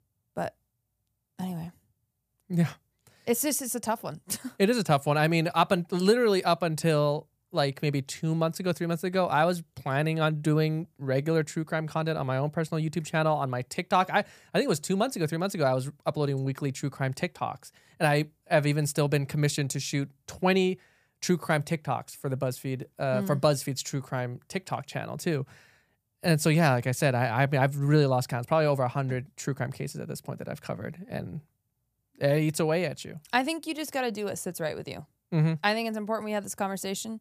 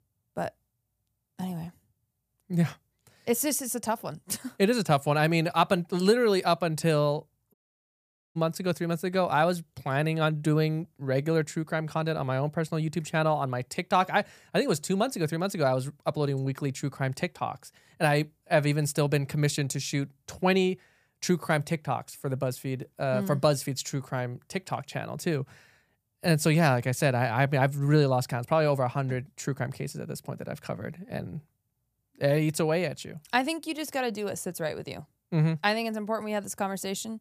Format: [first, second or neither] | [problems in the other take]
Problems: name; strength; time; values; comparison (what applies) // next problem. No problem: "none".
first | audio cutting out; at 7.5 s for 1 s